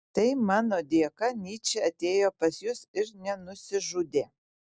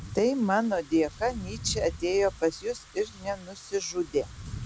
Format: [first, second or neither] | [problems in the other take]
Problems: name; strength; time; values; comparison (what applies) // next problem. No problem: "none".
first | background sound (Wind / Rain); 14 dB below the speech